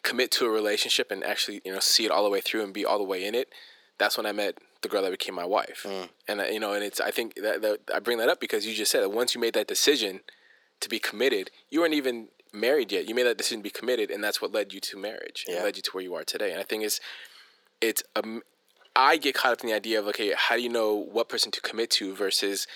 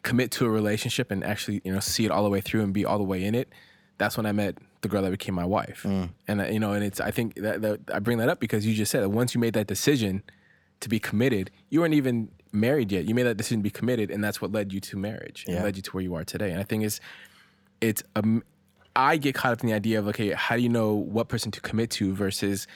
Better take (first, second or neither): second